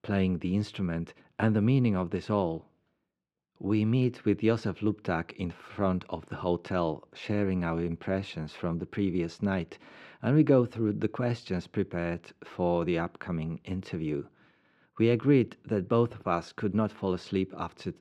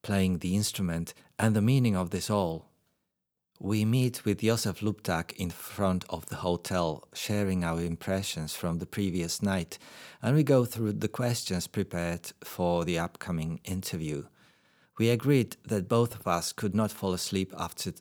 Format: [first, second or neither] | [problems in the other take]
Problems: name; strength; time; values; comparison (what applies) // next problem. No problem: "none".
second | muffled; slightly; fading above 2.5 kHz